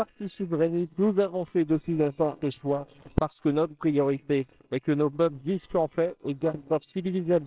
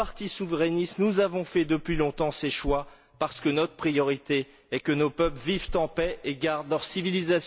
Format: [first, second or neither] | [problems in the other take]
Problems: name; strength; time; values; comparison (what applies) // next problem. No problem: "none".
second | noise reduction (neural separator model SepFormer WHAMR!)